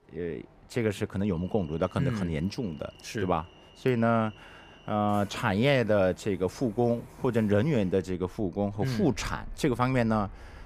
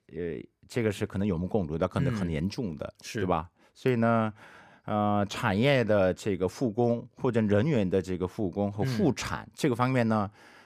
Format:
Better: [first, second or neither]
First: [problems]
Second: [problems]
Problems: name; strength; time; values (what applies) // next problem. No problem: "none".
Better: second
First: train or aircraft noise; faint; throughout; 25 dB below the speech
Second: none